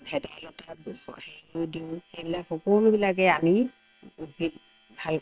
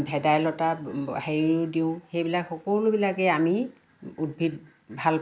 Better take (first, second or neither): second